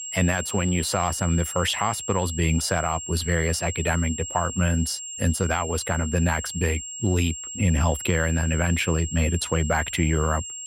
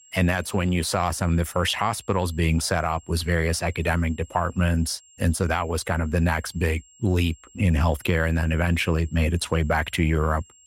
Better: second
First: high-pitched whine; loud; throughout; 7.5 kHz, 7 dB below the speech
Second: high-pitched whine; faint; throughout; 7.5 kHz, 25 dB below the speech

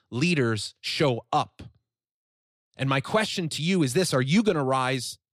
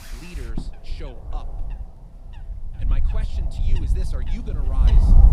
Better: first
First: none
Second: wind noise on the microphone; heavy; 1 dB above the speech

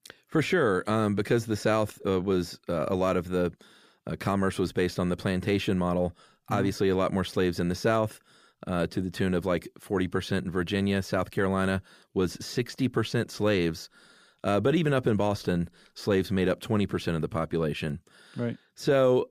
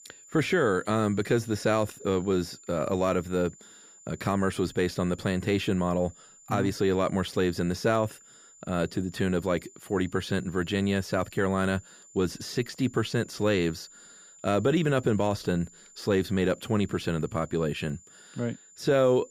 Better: first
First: none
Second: high-pitched whine; faint; throughout; 7 kHz, 25 dB below the speech

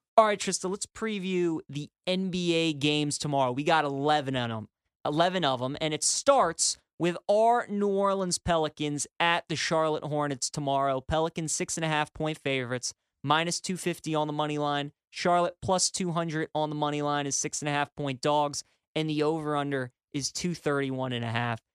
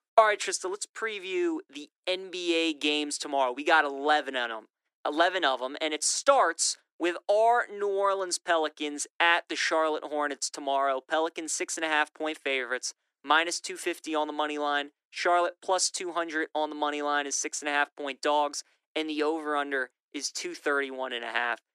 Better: first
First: none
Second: thin; somewhat; fading below 300 Hz

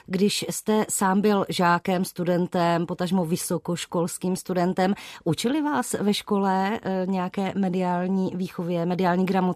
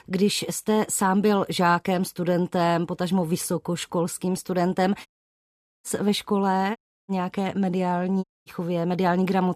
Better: first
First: none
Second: audio cutting out; at 5 s for 1 s, at 7 s and at 8 s

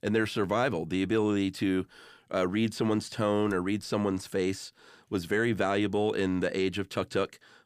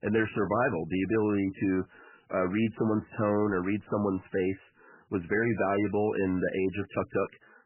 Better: first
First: none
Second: garbled, watery; badly; nothing above 3 kHz

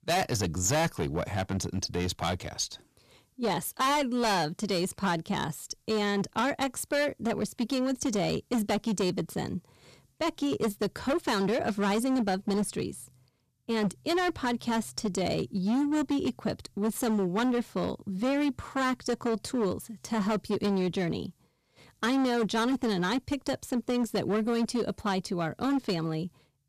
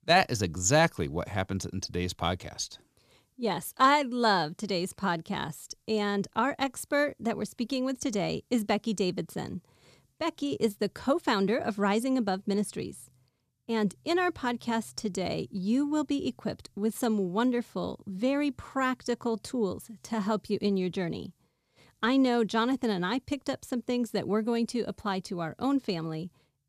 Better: second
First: distortion; heavy; 15% of the sound clipped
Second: none

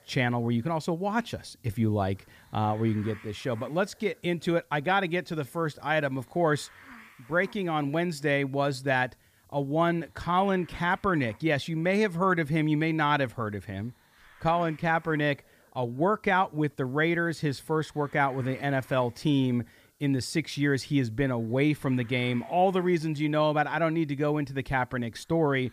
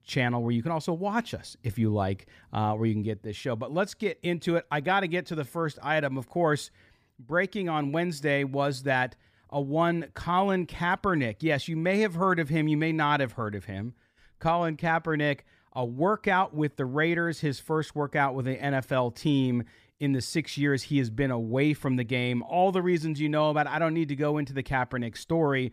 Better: second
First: hiss; faint; throughout; 25 dB below the speech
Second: none

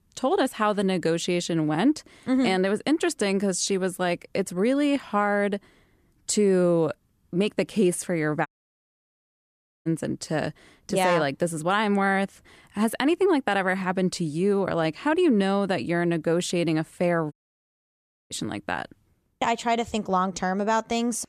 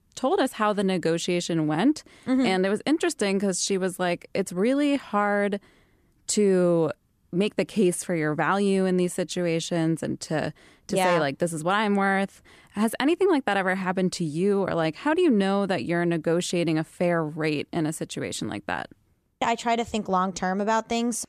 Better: second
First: audio cutting out; at 8.5 s for 1.5 s and at 17 s for 1 s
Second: none

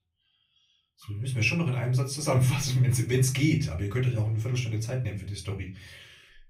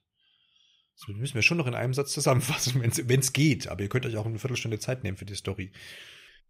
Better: second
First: off-mic speech; far // room echo; very slight; dies away in 0.3 s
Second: none

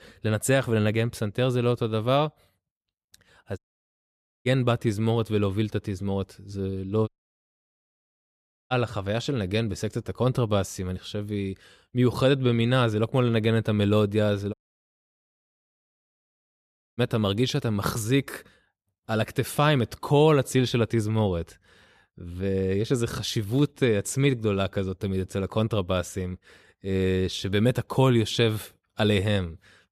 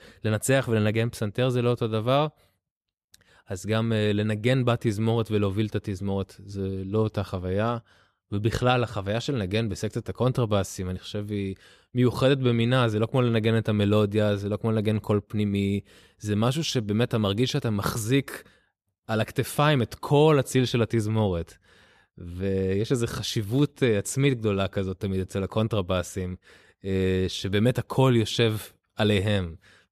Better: second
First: audio cutting out; at 3.5 s for 1 s, at 7 s for 1.5 s and at 15 s for 2.5 s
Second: none

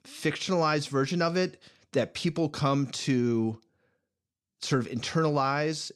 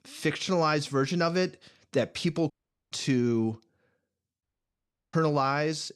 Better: first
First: none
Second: audio cutting out; at 2.5 s and at 4.5 s for 0.5 s

